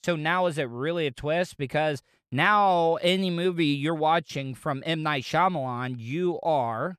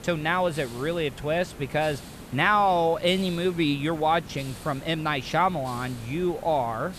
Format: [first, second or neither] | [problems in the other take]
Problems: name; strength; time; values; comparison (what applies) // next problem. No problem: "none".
first | hiss; noticeable; throughout; 15 dB below the speech